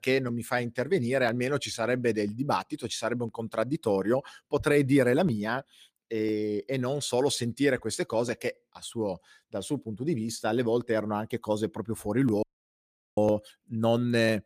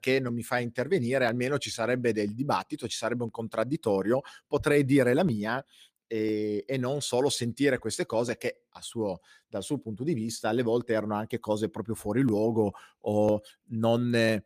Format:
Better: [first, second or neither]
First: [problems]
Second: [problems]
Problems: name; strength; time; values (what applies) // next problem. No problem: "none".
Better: second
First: audio cutting out; at 12 s for 0.5 s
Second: none